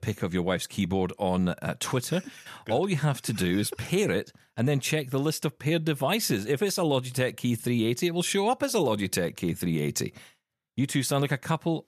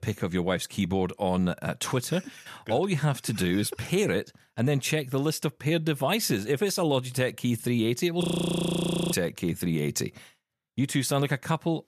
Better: first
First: none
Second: audio freezing; at 8 s for 1 s

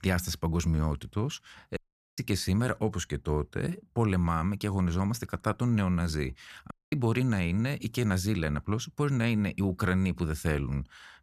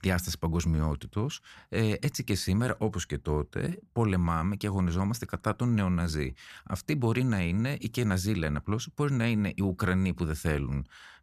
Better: second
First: audio cutting out; at 2 s and at 6.5 s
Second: none

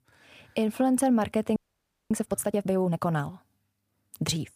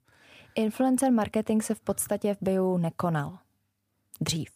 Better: second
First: audio freezing; at 1.5 s for 0.5 s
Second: none

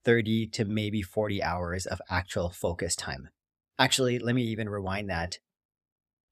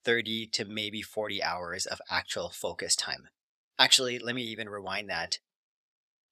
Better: first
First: none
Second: thin; somewhat; fading below 600 Hz

